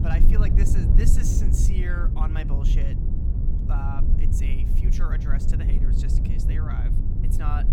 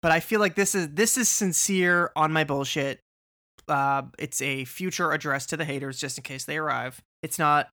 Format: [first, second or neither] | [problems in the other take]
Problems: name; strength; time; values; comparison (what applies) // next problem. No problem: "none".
second | low rumble; loud; throughout; 2 dB below the speech